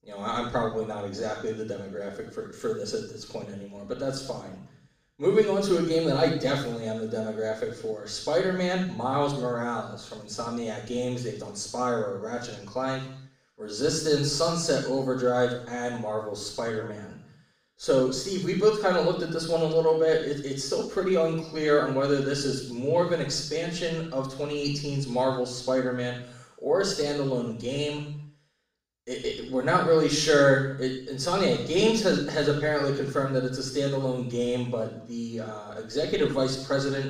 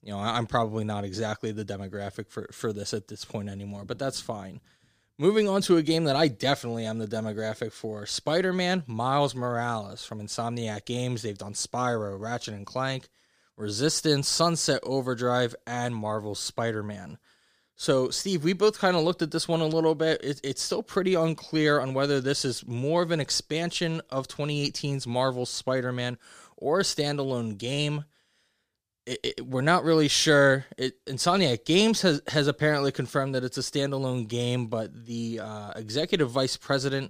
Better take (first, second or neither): second